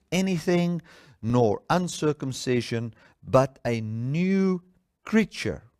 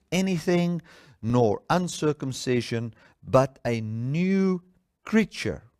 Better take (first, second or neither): neither